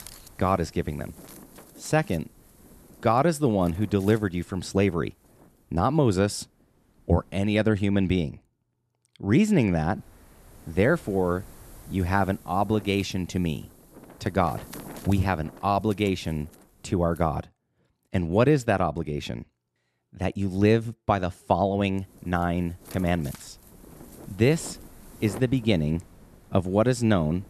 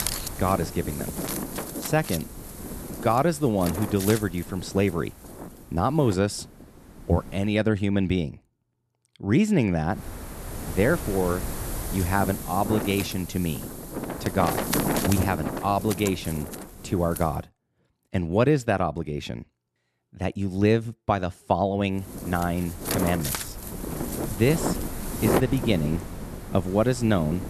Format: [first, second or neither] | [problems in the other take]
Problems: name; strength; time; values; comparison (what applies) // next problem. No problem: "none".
first | wind noise on the microphone; heavy; until 7.5 s, from 10 to 17 s and from 22 s on; 7 dB below the speech; occasional gusts in the first